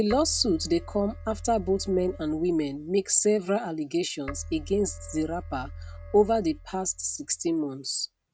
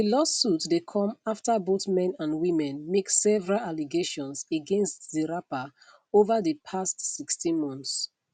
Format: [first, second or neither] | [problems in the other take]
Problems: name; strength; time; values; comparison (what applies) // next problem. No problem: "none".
second | background sound (Keyboard (musical)); 15 dB below the speech